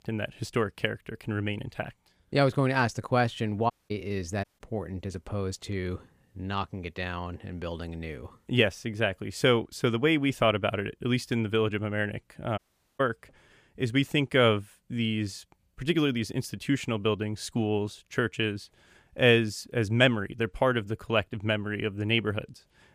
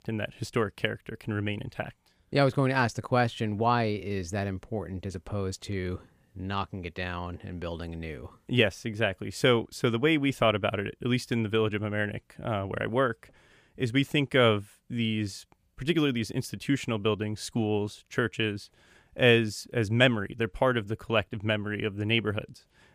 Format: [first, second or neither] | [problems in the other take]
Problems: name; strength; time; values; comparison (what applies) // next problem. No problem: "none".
second | audio cutting out; at 3.5 s, at 4.5 s and at 13 s